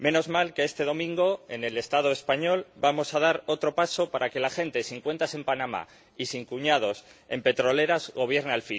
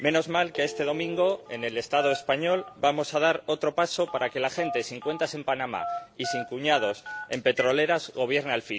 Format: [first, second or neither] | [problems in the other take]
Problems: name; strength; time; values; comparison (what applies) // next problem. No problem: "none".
first | background sound (Telephone); 12 dB below the speech